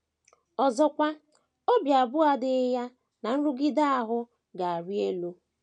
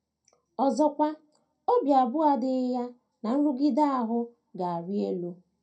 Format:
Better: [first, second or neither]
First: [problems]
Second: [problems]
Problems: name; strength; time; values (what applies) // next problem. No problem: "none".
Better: first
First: none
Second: room echo; dies away in 0.2 s